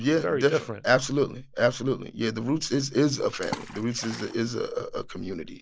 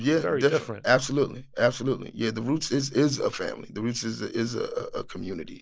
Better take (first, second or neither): second